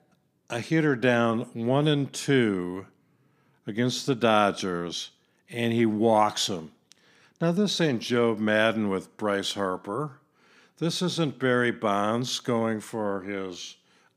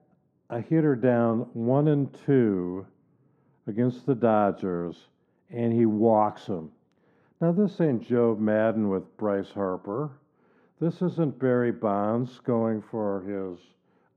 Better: first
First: none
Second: muffled; very; fading above 2 kHz

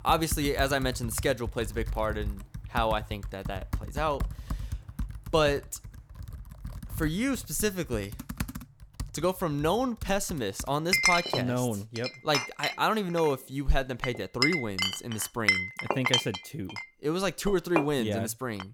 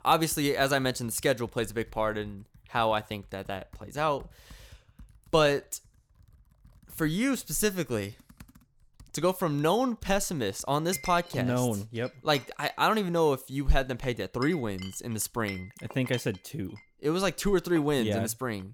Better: second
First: household noises; loud; throughout; 3 dB below the speech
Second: household noises; faint; throughout; 20 dB below the speech

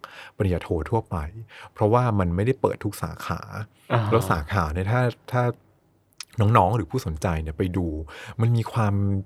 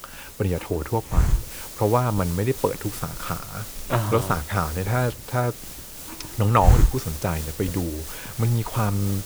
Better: first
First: none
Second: hiss; loud; throughout; 5 dB below the speech

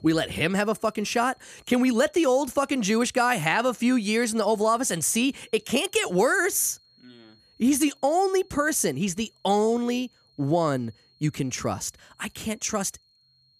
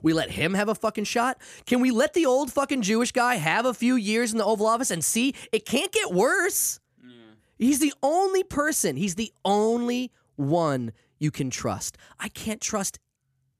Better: second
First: high-pitched whine; faint; throughout; 4.5 kHz, 35 dB below the speech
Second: none

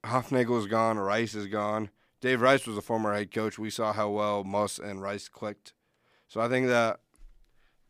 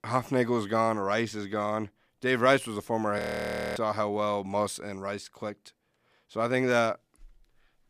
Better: first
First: none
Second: audio freezing; at 3 s for 0.5 s

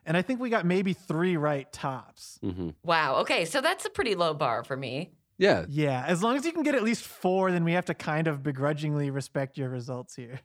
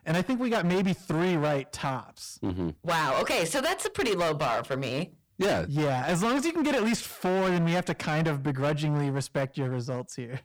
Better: first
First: none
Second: distortion; heavy; 20% of the sound clipped

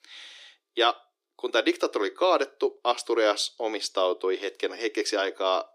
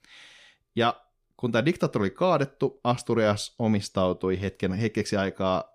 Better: second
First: thin; very; fading below 300 Hz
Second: none

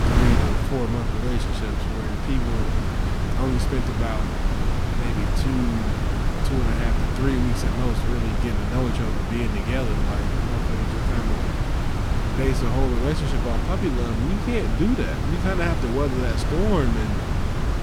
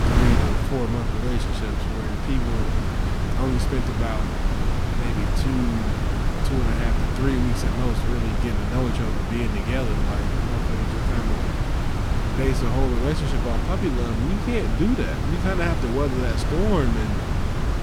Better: neither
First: wind noise on the microphone; heavy; as loud as the speech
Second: wind noise on the microphone; heavy; as loud as the speech

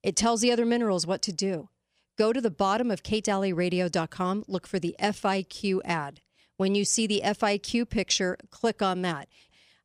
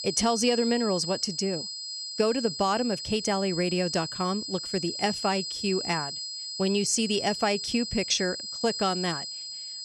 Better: first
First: none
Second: high-pitched whine; loud; throughout; 5 kHz, 5 dB below the speech

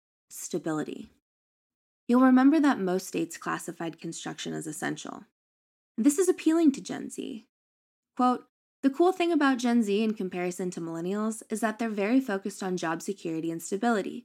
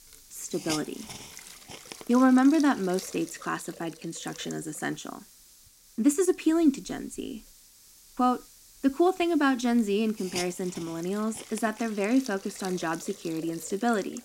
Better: first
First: none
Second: hiss; noticeable; throughout; 15 dB below the speech

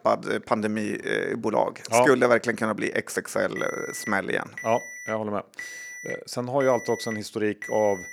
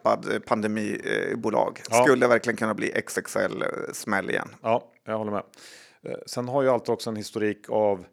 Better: second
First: alarm; faint; from 3.5 s on; peak 10 dB below the speech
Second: none

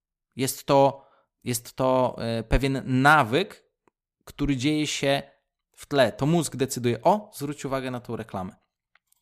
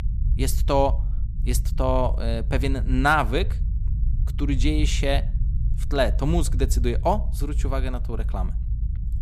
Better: first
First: none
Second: low rumble; noticeable; throughout; 20 dB below the speech

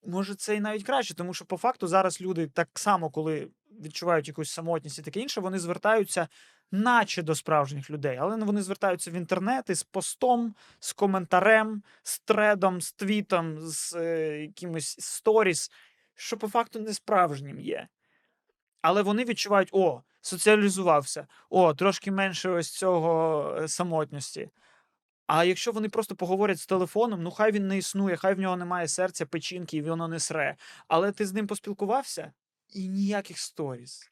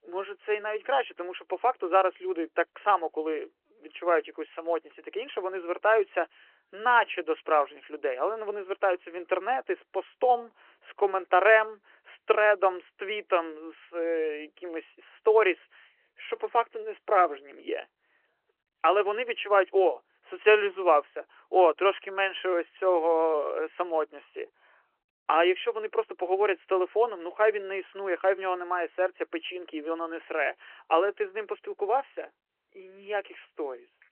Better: first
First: none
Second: phone-call audio

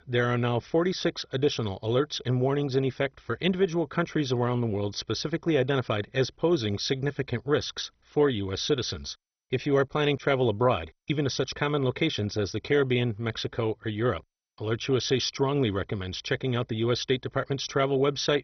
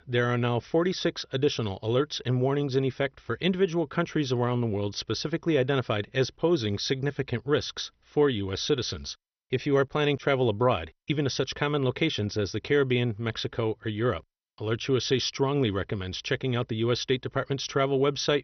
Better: second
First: garbled, watery; badly; nothing above 6 kHz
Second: garbled, watery; slightly; nothing above 6 kHz

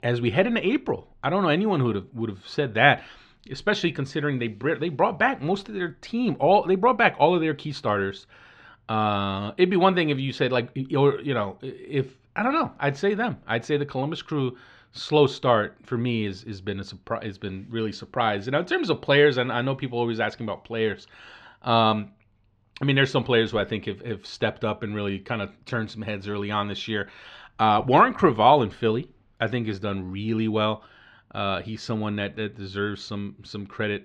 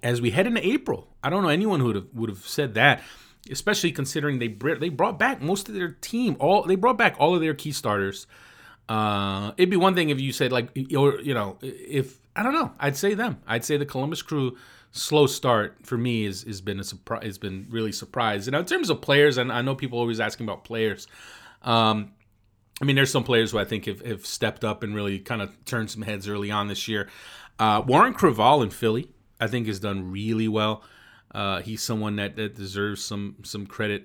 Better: second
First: muffled; slightly; fading above 4 kHz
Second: none

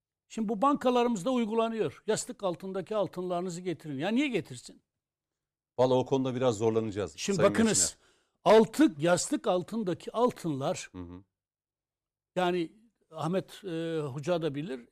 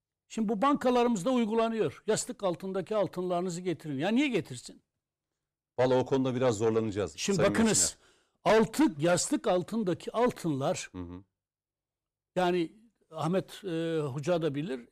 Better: first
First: none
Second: distortion; slight; 10 dB below the speech

